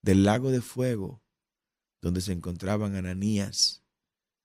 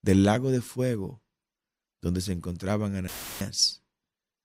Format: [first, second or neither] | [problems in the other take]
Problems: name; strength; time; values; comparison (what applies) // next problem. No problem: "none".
first | audio cutting out; filled with static; at 3 s